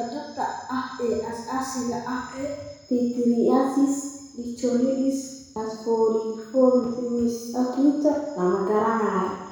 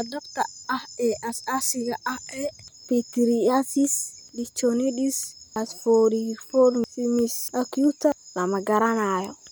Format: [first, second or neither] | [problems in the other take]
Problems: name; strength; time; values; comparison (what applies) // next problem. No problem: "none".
second | room echo; dies away in 1.1 s